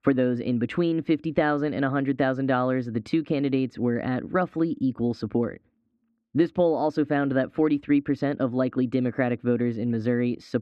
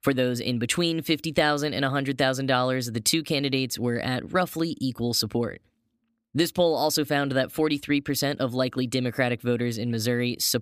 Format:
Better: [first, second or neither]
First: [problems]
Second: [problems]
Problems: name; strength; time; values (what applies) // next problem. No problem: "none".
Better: second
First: muffled; very; fading above 1.5 kHz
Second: none